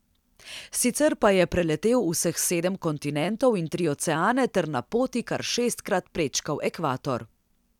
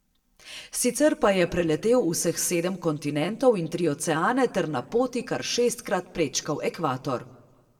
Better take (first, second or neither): first